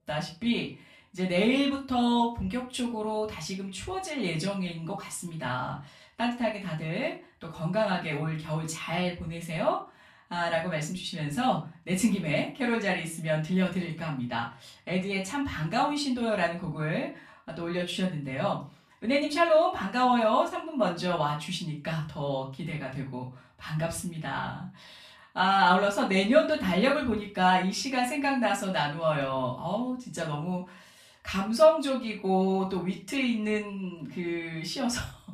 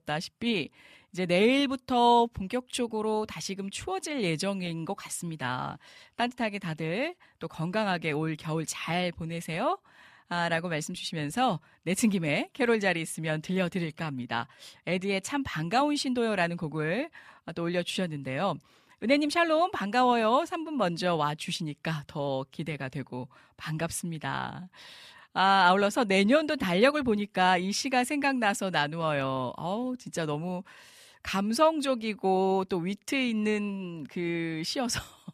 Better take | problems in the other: second | off-mic speech; far // room echo; slight; dies away in 0.3 s

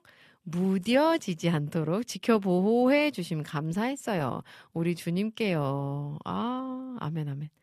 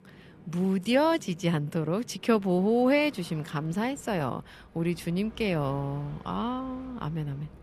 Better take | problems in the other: first | train or aircraft noise; faint; throughout; 20 dB below the speech

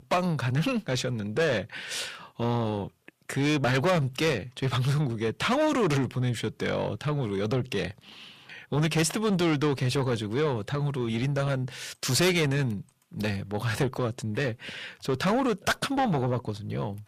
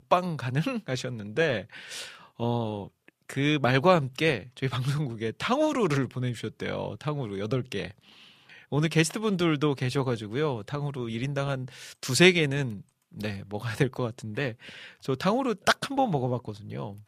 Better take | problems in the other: second | distortion; heavy; 6 dB below the speech

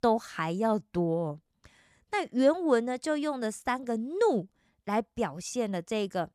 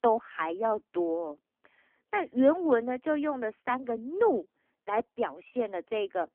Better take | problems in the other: first | phone-call audio; poor line; nothing above 3 kHz

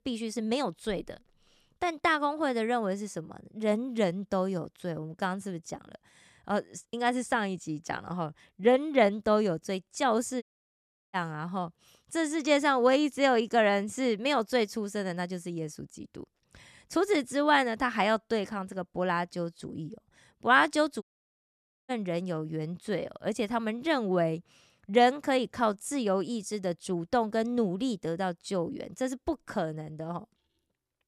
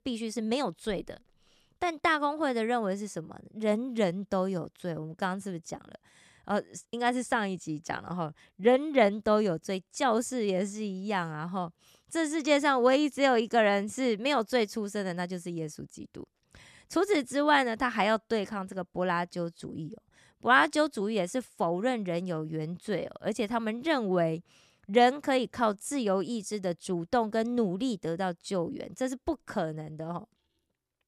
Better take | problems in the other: second | audio cutting out; at 10 s for 0.5 s and at 21 s for 1 s

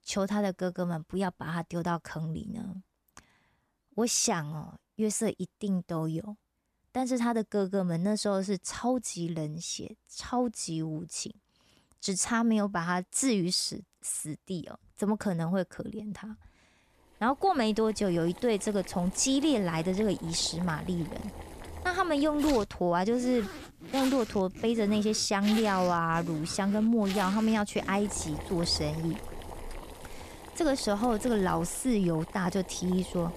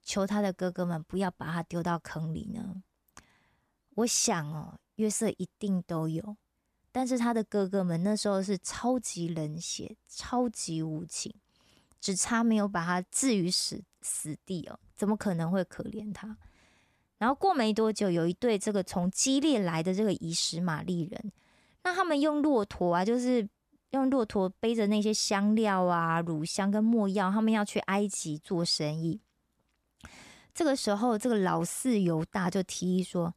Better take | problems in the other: second | household noises; noticeable; from 17 s on; 15 dB below the speech

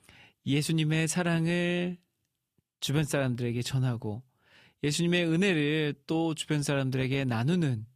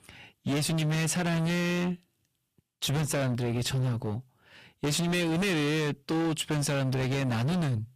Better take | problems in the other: first | distortion; heavy; 31% of the sound clipped

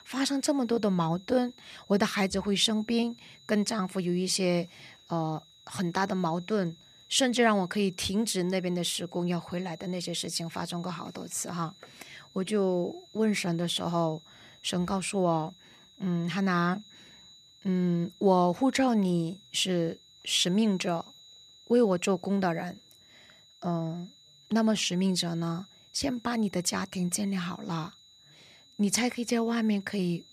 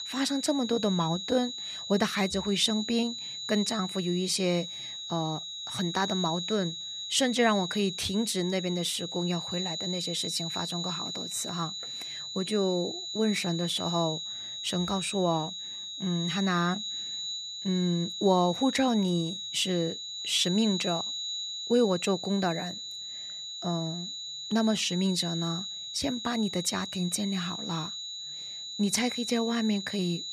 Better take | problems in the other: first | high-pitched whine; loud; throughout; 4 kHz, 5 dB below the speech; faint in the first

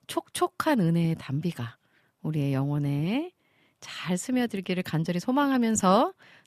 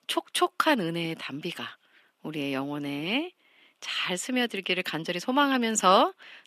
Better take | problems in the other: first | thin; very slightly; fading below 250 Hz

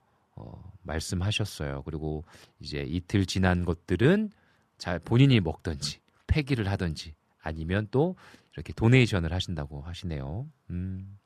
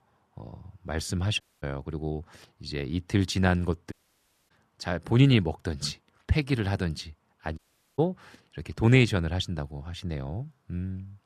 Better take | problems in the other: first | audio cutting out; at 1.5 s, at 4 s for 0.5 s and at 7.5 s

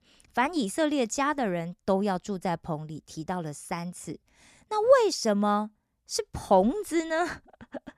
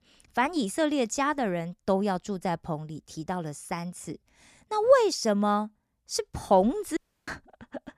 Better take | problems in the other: first | audio cutting out; at 7 s

